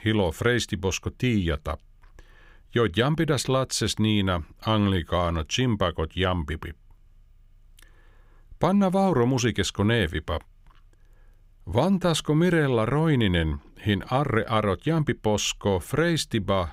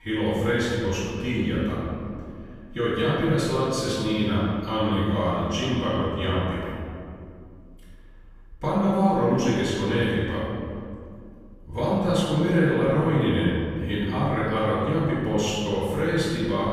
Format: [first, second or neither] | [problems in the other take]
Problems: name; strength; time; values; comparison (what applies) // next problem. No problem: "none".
first | off-mic speech; far // room echo; strong; dies away in 2.2 s